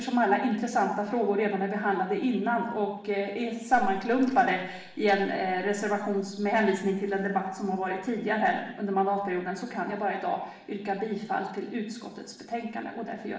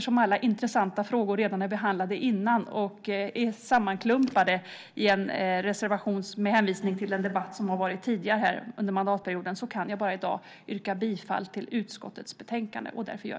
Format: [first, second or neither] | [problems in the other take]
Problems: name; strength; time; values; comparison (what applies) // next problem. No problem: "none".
second | room echo; dies away in 0.9 s